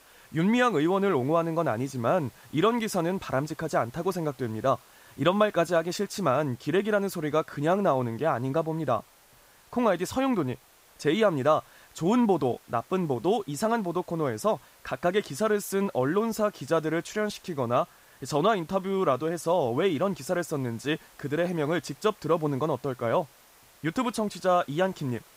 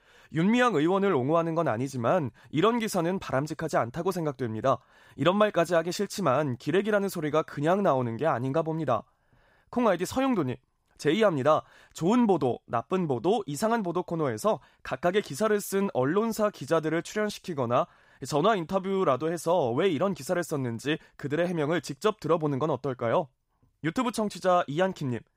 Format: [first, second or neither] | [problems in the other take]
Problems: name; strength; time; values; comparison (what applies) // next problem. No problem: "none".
second | hiss; faint; throughout; 25 dB below the speech